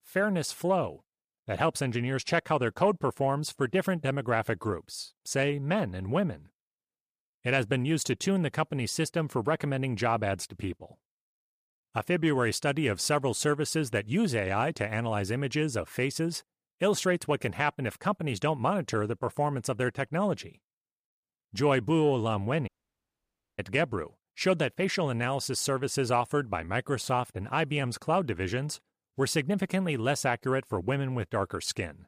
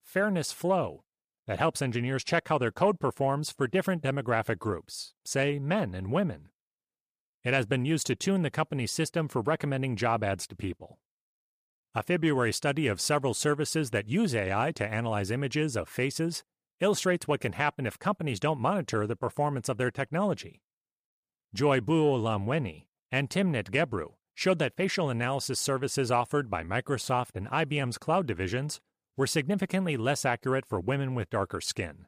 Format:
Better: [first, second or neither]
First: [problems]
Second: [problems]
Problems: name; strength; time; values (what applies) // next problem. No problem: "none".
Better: second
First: audio cutting out; at 23 s for 1 s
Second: none